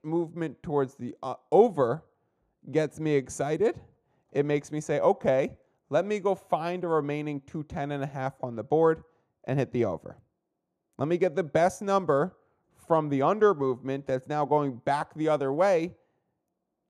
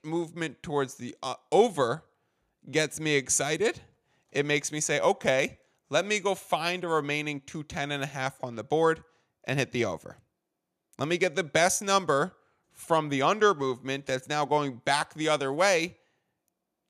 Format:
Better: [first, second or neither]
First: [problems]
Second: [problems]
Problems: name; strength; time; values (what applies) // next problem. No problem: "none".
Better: second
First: muffled; very; fading above 1.5 kHz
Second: none